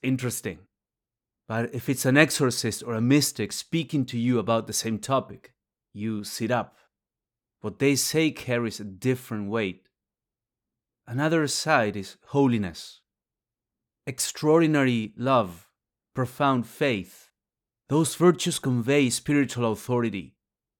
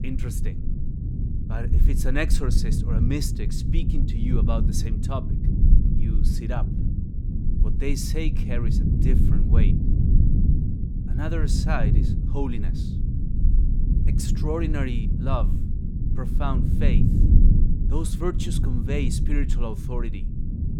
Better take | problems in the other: first | low rumble; loud; throughout; 4 dB below the speech

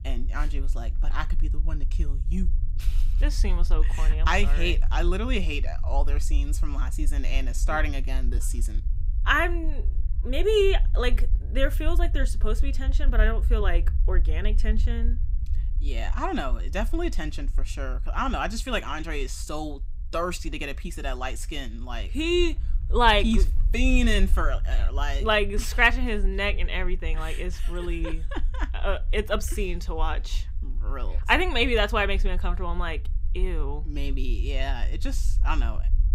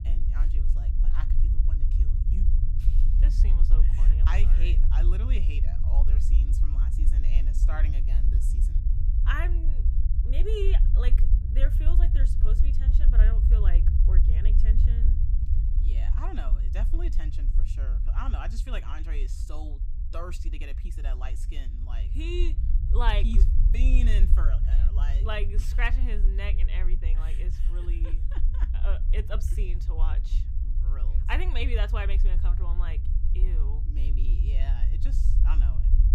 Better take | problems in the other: first | low rumble; loud; throughout; 8 dB below the speech; faint in the first

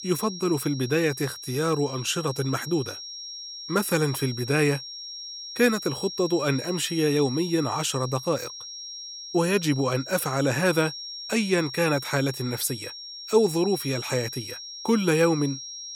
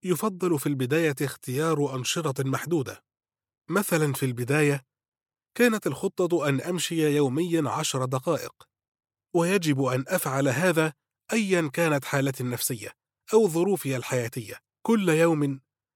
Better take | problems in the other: second | high-pitched whine; noticeable; throughout; 5.5 kHz, 10 dB below the speech

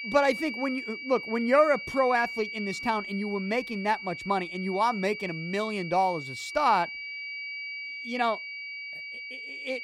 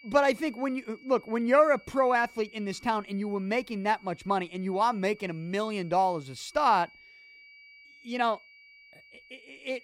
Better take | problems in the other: second | high-pitched whine; loud; throughout; 2.5 kHz, 8 dB below the speech; faint in the second

